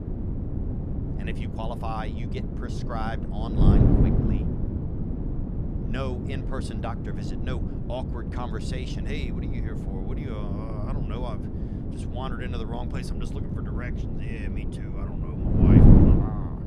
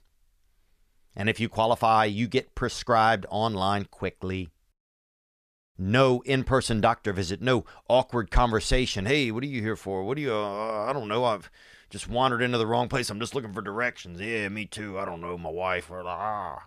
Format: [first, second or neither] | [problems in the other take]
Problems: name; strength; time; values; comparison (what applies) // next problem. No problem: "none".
second | wind noise on the microphone; heavy; 3 dB above the speech